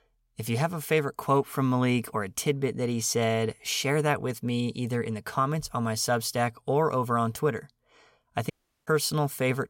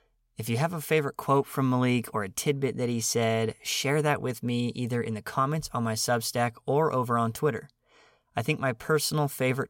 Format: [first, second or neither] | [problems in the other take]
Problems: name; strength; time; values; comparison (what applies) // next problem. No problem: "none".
second | audio cutting out; at 8.5 s